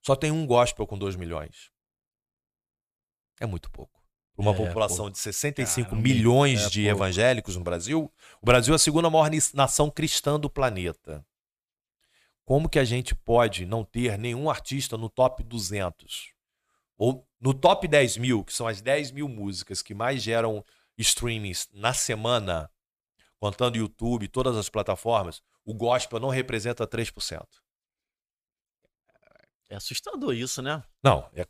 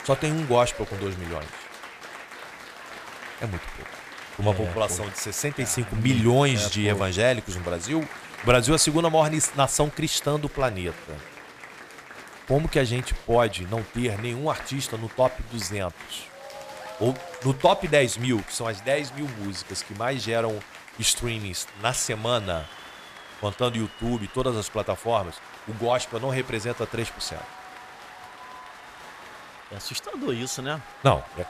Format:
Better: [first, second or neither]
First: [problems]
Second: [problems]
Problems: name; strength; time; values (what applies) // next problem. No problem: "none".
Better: first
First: none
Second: crowd noise; noticeable; throughout; 15 dB below the speech